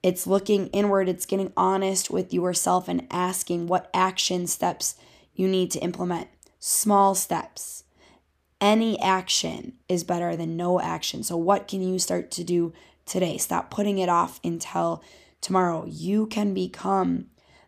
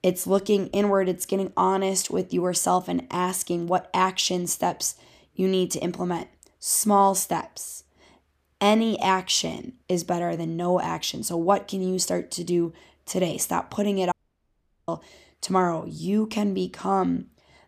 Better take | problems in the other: first | audio cutting out; at 14 s for 1 s

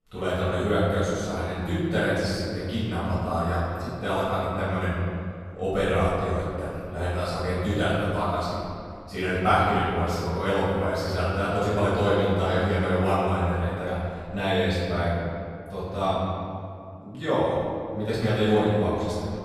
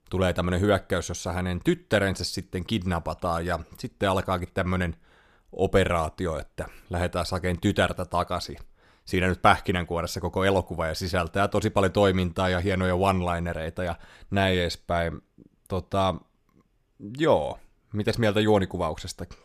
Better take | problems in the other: second | room echo; strong; dies away in 2.2 s // off-mic speech; far

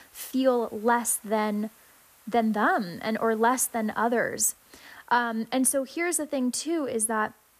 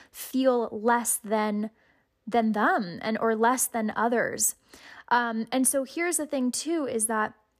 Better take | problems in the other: second | hiss; faint; throughout; 30 dB below the speech

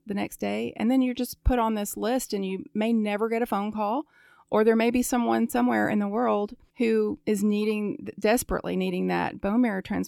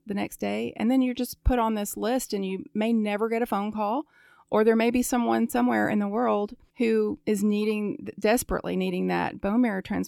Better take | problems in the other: neither | none

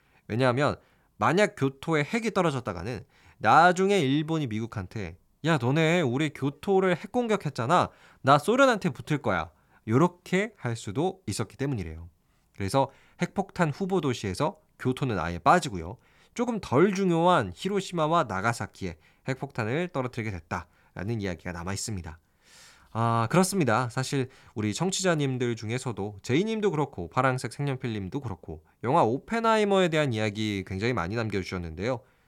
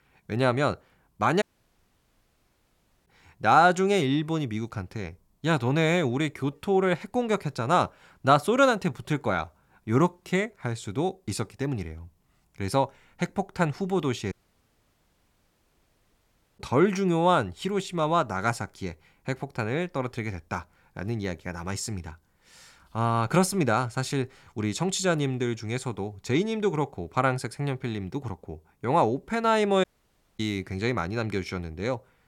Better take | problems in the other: first | audio cutting out; at 1.5 s for 1.5 s, at 14 s for 2.5 s and at 30 s for 0.5 s

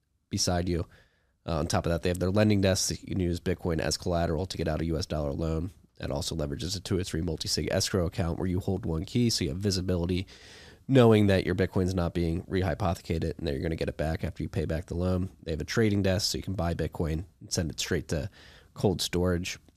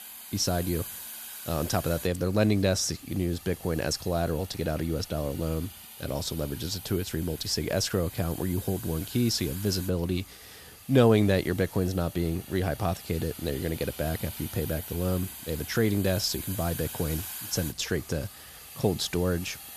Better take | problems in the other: first | hiss; noticeable; throughout; 10 dB below the speech

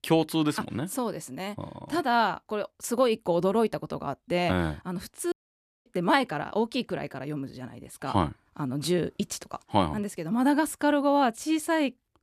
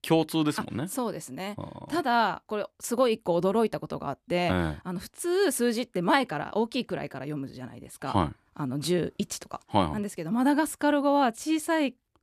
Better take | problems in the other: second | audio cutting out; at 5.5 s for 0.5 s

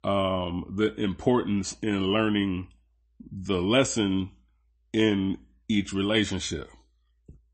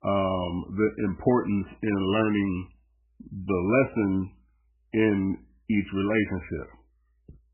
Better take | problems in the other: first | garbled, watery; badly; nothing above 3 kHz; slightly in the first

